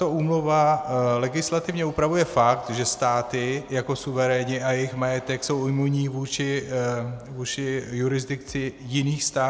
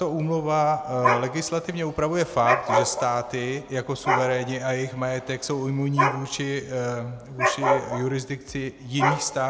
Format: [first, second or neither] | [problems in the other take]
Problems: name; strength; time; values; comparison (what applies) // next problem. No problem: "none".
first | background sound (Dog); 3 dB below the speech